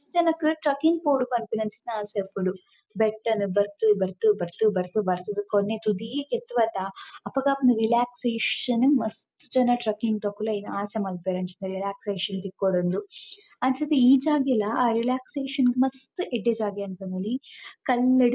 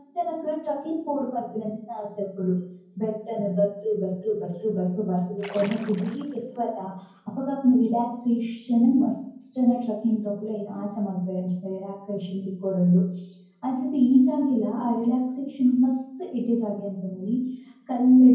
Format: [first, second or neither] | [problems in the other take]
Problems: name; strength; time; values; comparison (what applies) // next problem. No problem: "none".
first | background sound (Splash, splatter); 17 dB below the speech // room echo; dies away in 0.9 s